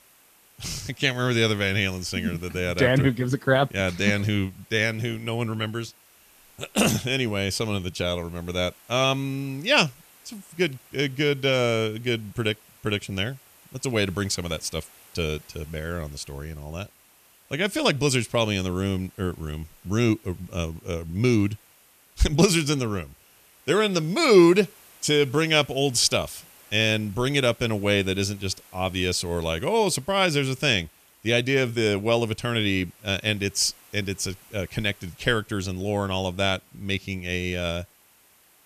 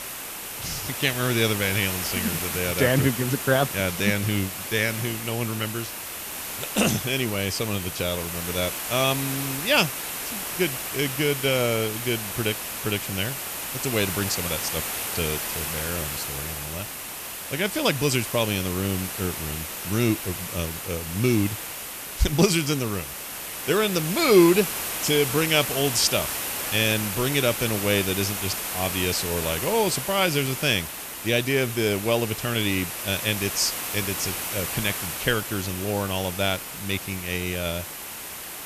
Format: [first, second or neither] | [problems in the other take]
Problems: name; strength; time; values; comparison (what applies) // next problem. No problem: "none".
first | hiss; loud; throughout; 4 dB below the speech; faint in the first